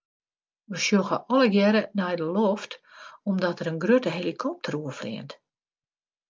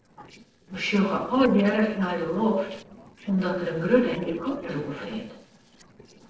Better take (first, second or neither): first